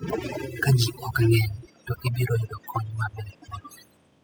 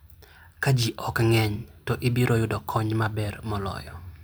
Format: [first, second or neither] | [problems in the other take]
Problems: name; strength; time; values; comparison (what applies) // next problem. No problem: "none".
second | noise reduction (classical method spectral subtraction)